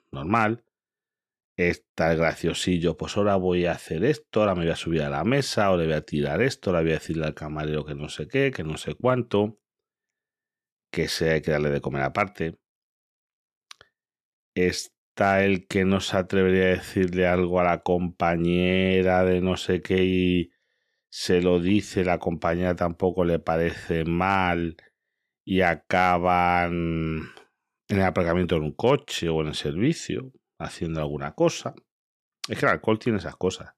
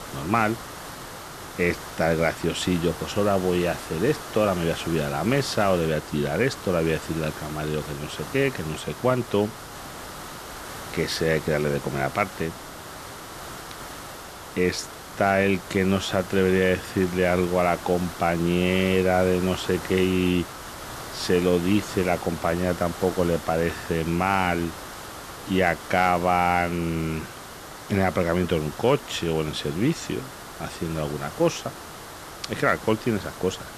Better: first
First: none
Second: hiss; noticeable; throughout; 10 dB below the speech

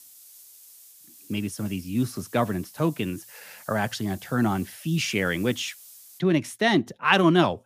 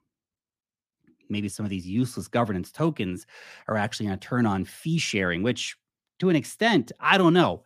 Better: second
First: hiss; faint; until 6 s; 20 dB below the speech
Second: none

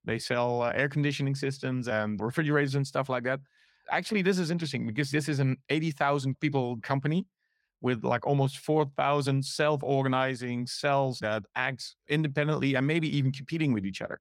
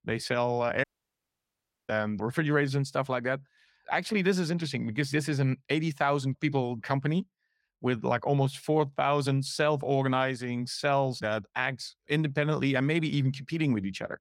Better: first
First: none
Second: audio cutting out; at 1 s for 1 s

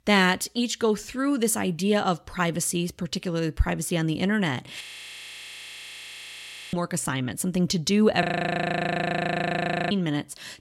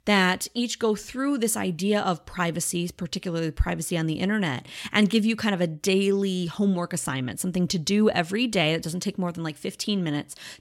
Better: second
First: audio freezing; at 5 s for 2 s and at 8 s for 1.5 s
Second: none

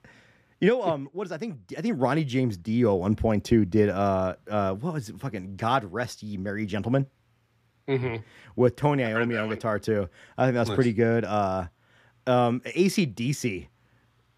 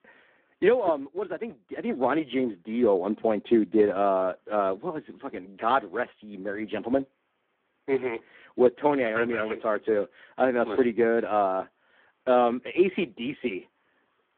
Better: first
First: none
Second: phone-call audio; poor line

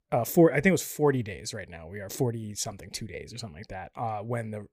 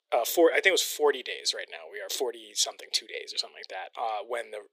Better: first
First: none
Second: thin; very; fading below 400 Hz

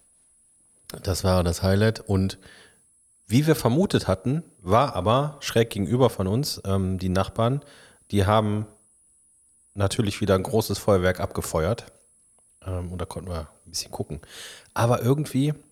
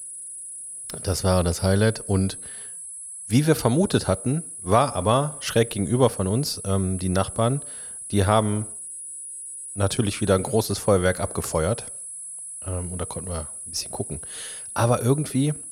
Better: first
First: high-pitched whine; faint; throughout; 10.5 kHz, 35 dB below the speech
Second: high-pitched whine; loud; throughout; 10.5 kHz, 10 dB below the speech

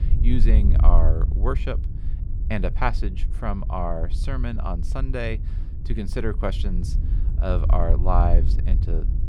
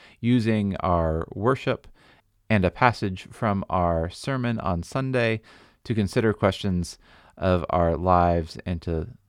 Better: second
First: low rumble; noticeable; throughout; 10 dB below the speech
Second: none

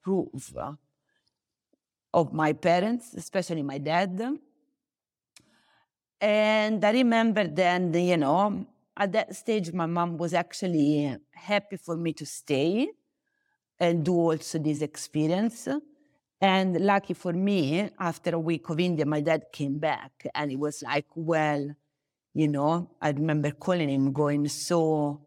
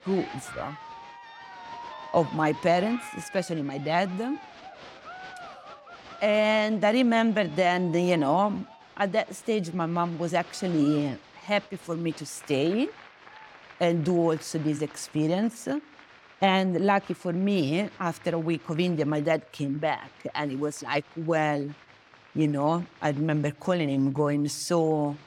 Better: first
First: none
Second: crowd noise; noticeable; throughout; 20 dB below the speech

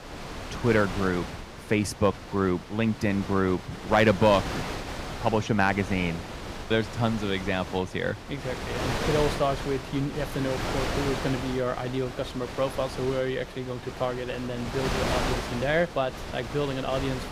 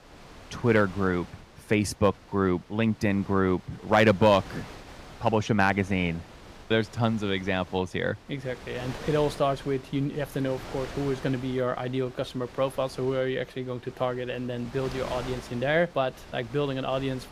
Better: second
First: wind noise on the microphone; heavy; 7 dB below the speech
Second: wind noise on the microphone; occasional gusts; 15 dB below the speech

